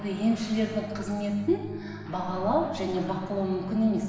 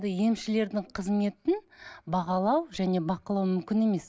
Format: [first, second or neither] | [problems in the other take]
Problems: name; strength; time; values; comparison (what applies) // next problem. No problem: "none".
second | background sound (Guitar); 13 dB below the speech // room echo; dies away in 1.2 s